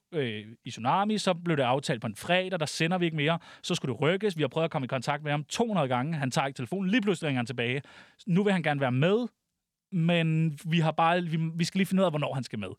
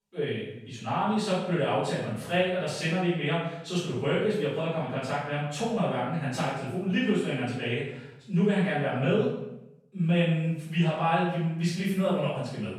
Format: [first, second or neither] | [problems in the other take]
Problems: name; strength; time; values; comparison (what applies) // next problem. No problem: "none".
first | off-mic speech; far // room echo; strong; dies away in 0.7 s